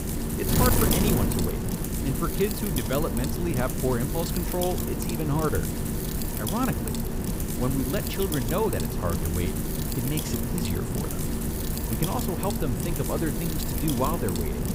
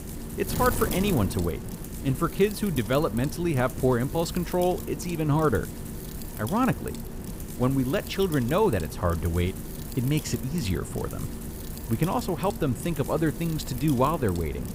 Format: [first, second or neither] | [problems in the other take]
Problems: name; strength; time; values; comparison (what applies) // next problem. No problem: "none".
second | wind noise on the microphone; heavy; 1 dB below the speech; occasional gusts in the second